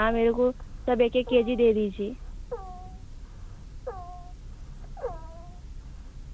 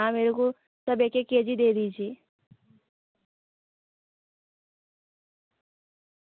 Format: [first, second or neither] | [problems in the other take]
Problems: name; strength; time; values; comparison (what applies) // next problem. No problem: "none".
second | background sound (Wild animals); 10 dB below the speech